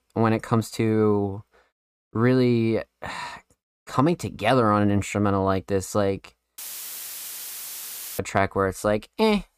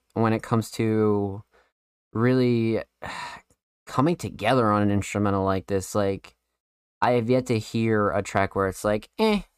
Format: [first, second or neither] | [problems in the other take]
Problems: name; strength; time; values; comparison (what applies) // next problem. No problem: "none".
second | audio cutting out; filled with static; at 6.5 s for 1.5 s